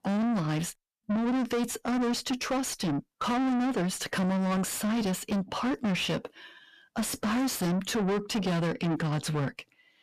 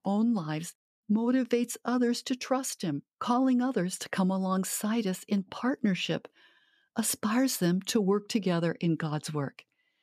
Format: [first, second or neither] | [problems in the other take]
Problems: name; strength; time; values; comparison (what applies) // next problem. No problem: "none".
second | distortion; heavy; 7 dB below the speech